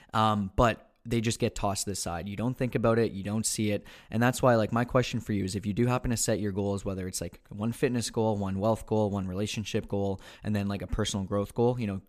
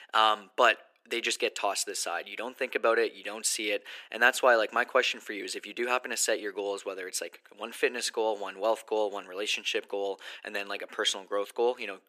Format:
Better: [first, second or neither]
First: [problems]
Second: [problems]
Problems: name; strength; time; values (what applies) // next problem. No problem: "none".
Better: first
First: none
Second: thin; very; fading below 350 Hz